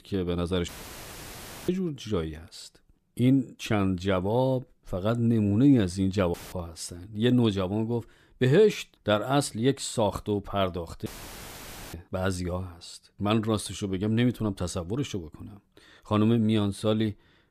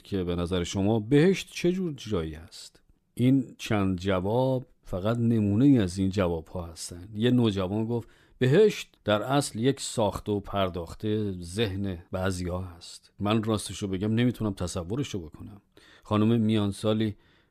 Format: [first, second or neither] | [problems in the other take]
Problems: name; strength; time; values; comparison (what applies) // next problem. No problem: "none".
second | audio cutting out; filled with static; at 0.5 s for 1 s, at 6.5 s and at 11 s for 1 s